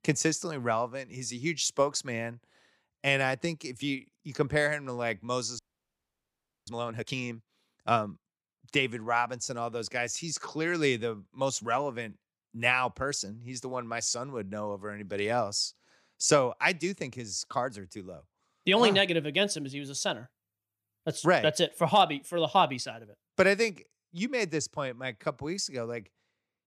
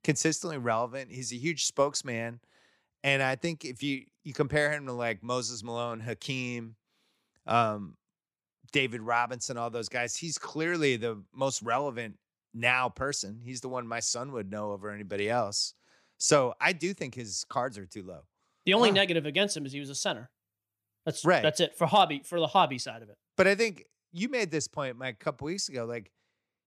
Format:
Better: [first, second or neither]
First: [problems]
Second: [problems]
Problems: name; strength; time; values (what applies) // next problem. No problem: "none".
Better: second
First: audio freezing; at 5.5 s for 1 s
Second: none